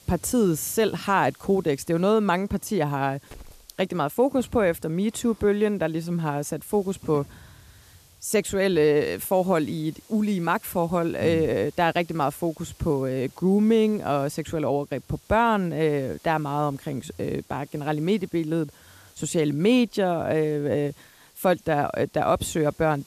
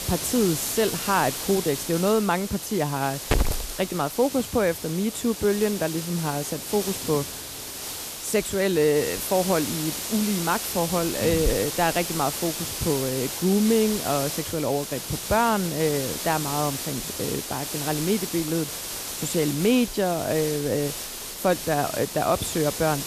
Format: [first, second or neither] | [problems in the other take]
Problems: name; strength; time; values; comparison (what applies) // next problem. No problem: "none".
first | hiss; loud; throughout; 5 dB below the speech; faint in the first